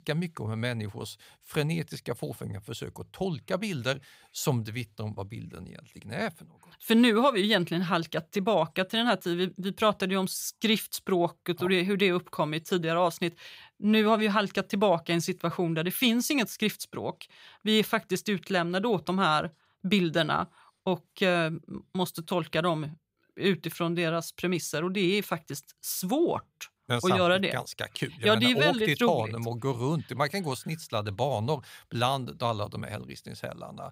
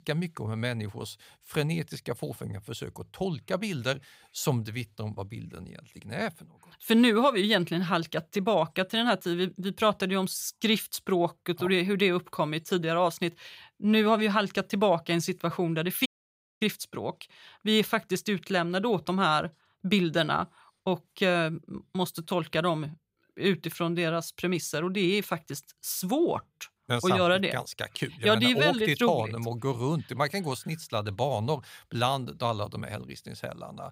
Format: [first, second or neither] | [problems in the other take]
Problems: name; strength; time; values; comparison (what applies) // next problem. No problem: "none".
first | audio cutting out; at 16 s for 0.5 s